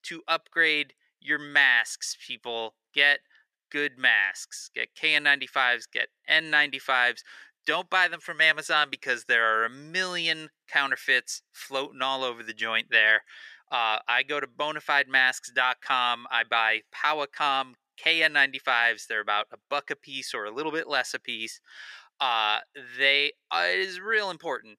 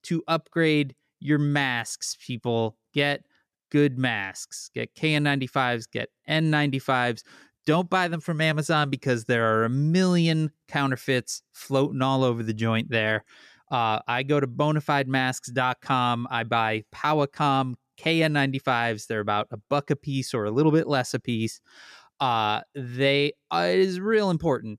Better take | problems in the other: second | thin; very; fading below 600 Hz

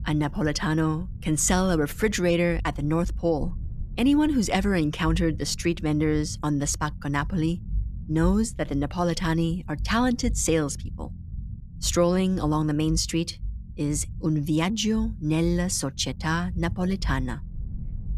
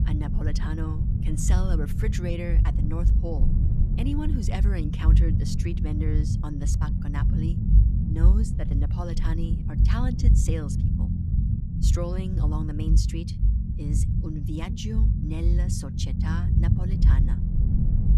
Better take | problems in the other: first | low rumble; loud; throughout; 1 dB below the speech; faint in the first

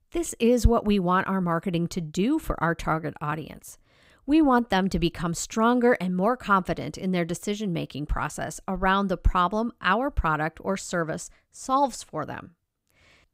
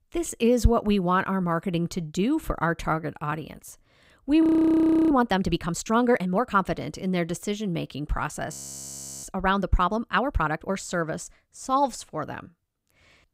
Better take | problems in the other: first | audio freezing; at 4.5 s for 0.5 s and at 8.5 s for 0.5 s

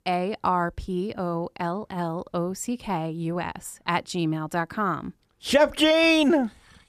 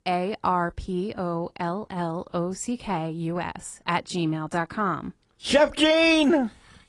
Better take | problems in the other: first | garbled, watery; slightly; nothing above 10 kHz

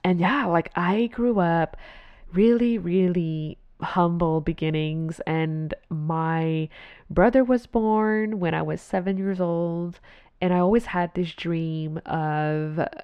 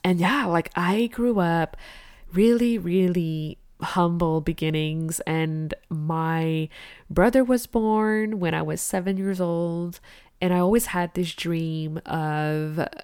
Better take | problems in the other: second | muffled; slightly; fading above 3 kHz

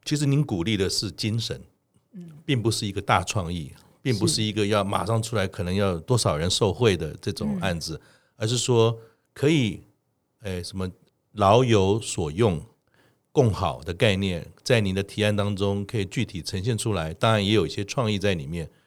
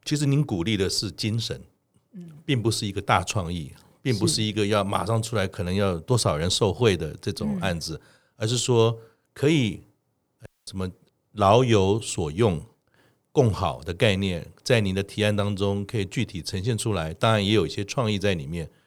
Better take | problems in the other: first | audio cutting out; at 10 s

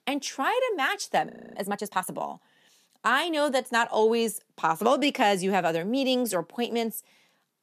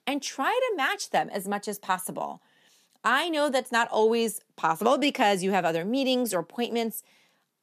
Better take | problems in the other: second | audio freezing; at 1.5 s

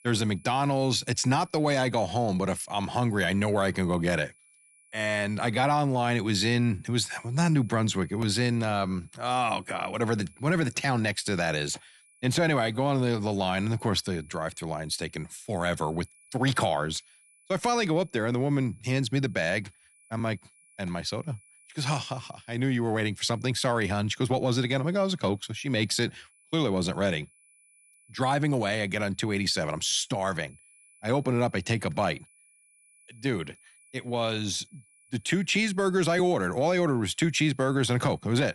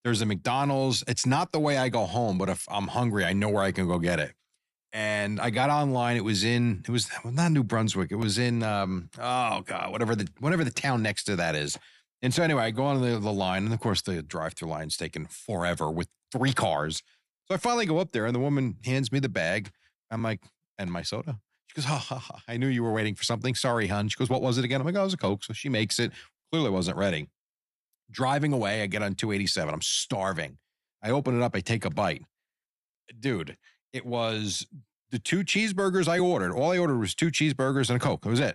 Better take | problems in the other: second | high-pitched whine; faint; throughout; 10 kHz, 30 dB below the speech

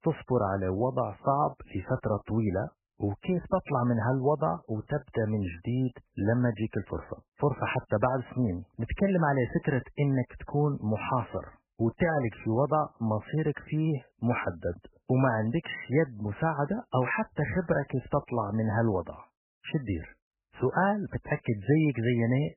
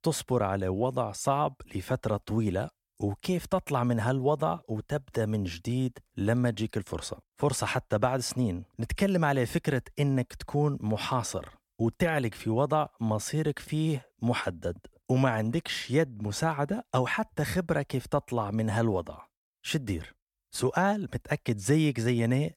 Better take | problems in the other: second | garbled, watery; badly; nothing above 3 kHz

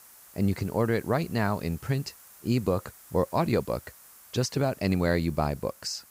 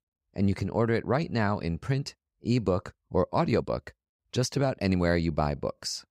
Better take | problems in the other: second | hiss; faint; throughout; 20 dB below the speech

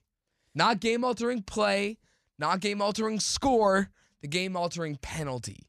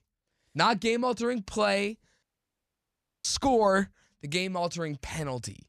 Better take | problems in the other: first | audio cutting out; at 2 s for 1 s

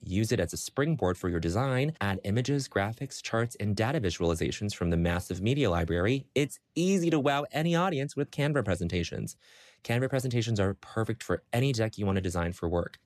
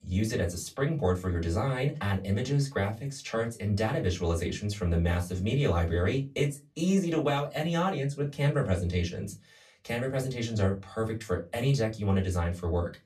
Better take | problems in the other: first | off-mic speech; far // room echo; very slight; dies away in 0.2 s

